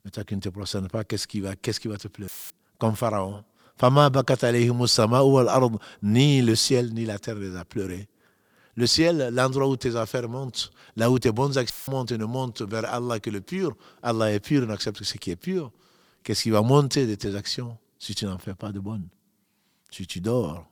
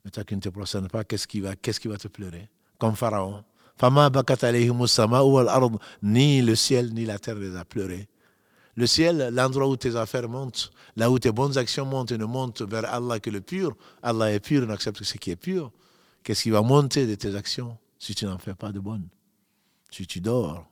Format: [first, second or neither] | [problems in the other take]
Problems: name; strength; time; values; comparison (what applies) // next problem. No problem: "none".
second | audio cutting out; filled with static; at 2.5 s and at 12 s